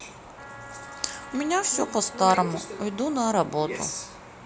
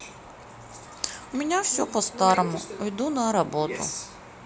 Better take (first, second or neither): second